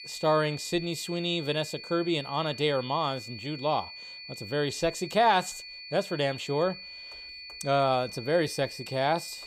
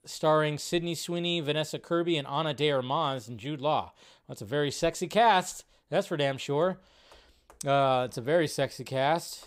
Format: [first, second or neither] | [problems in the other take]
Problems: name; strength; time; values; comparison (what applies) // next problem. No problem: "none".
second | high-pitched whine; noticeable; throughout; 4.5 kHz, 10 dB below the speech